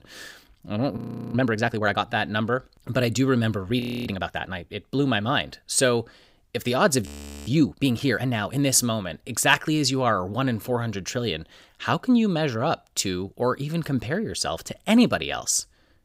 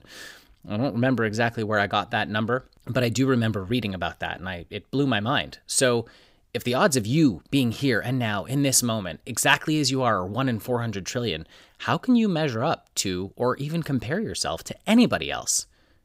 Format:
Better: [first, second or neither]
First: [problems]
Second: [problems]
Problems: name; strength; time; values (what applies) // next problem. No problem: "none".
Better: second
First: audio freezing; at 1 s, at 4 s and at 7 s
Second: none